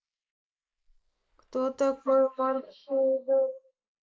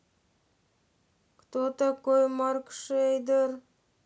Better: second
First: noise reduction (neural mask model Resemble Enhance denoiser)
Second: none

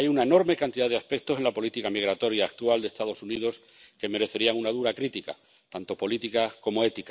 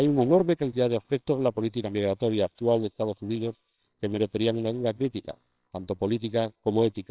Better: first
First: none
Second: noise reduction (neural separator model SepFormer WHAMR!)

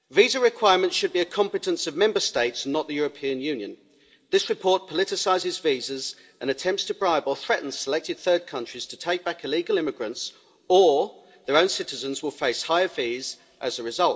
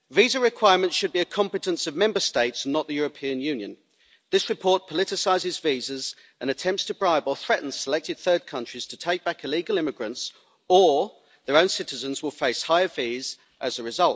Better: second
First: room echo; dies away in 0.5 s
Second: none

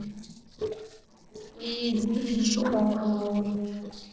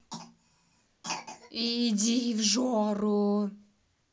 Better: second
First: noise reduction (neural separator model SepFormer DNS4)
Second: none

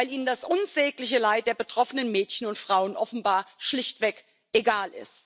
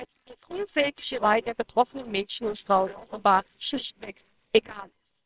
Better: first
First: none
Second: noise reduction (neural separator model SepFormer WHAMR!)

